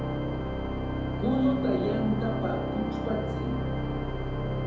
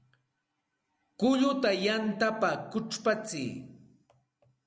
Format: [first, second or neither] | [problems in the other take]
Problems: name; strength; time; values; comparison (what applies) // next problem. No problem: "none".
second | background sound (Organ); 2 dB above the speech // room echo; dies away in 2.7 s